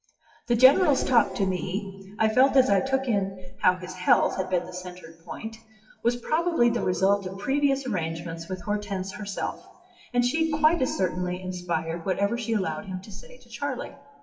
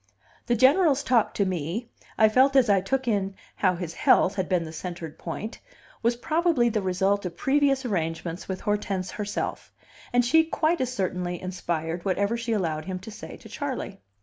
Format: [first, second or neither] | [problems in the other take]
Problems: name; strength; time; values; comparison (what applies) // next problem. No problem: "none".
second | noise reduction (classical method WPE with log-MMSE)